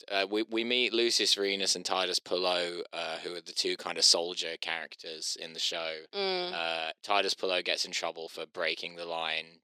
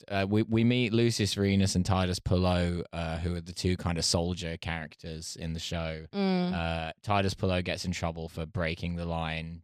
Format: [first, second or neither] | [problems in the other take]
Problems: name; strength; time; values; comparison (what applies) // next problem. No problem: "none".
second | thin; very; fading below 350 Hz